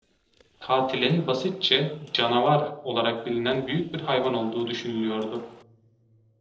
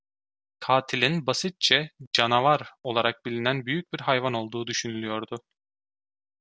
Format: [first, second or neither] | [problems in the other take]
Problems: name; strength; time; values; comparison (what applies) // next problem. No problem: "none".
second | noise reduction (neural separator model SepFormer DNS4)